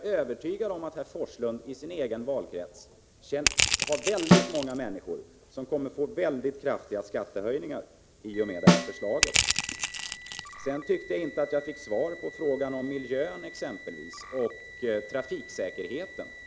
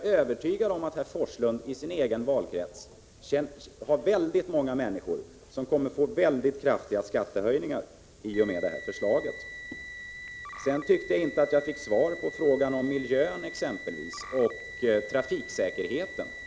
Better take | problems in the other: second | background sound (Snare drum + Crushing); 5 dB above the speech

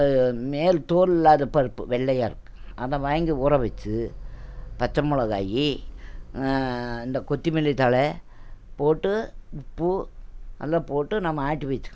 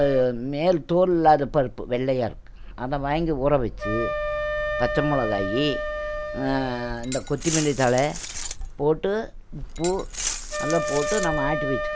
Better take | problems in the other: first | background sound (Glass + Wind instrument, woodwind instrument); 6 dB below the speech

